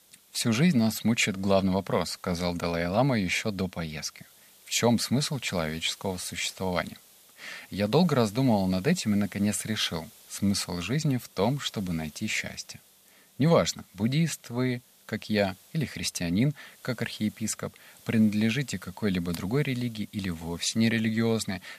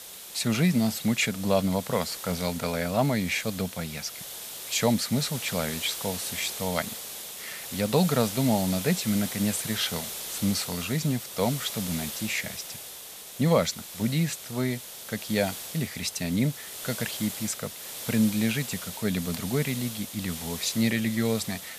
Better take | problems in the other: first | hiss; loud; throughout; 7 dB below the speech; faint in the first

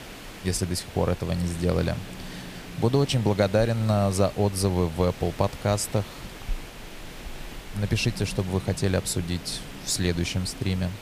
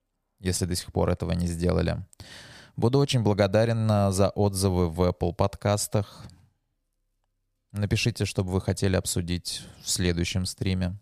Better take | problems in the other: second | hiss; noticeable; throughout; 15 dB below the speech

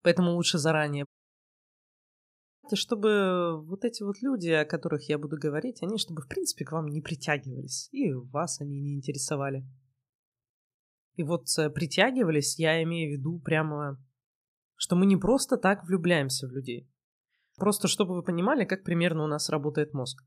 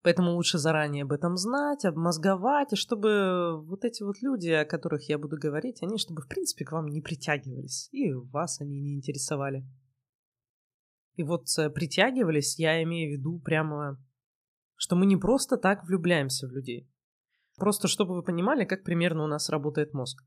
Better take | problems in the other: second | audio cutting out; at 1 s for 1.5 s

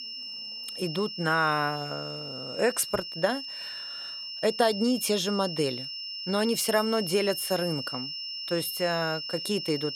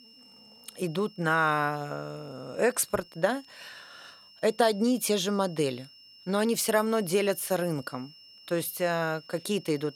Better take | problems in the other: second | high-pitched whine; loud; throughout; 5.5 kHz, 6 dB below the speech; faint in the second

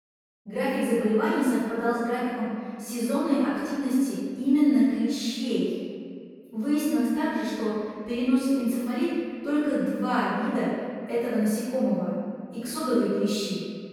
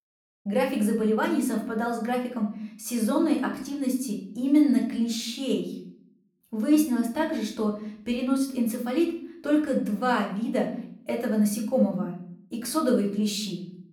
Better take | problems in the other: second | room echo; strong; dies away in 1.9 s; slight in the second // off-mic speech; far; somewhat distant in the second

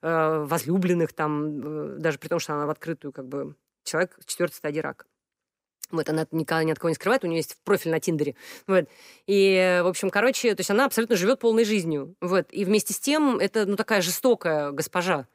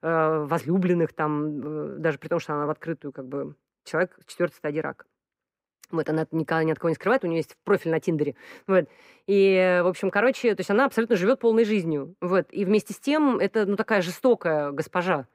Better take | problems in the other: first | muffled; slightly; fading above 3.5 kHz

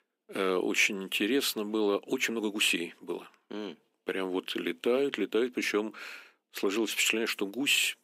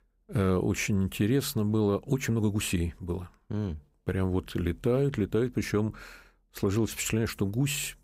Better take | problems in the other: second | thin; somewhat; fading below 250 Hz

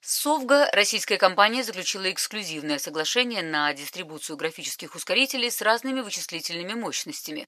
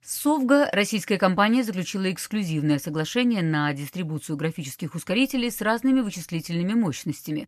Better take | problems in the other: second | thin; somewhat; fading below 550 Hz

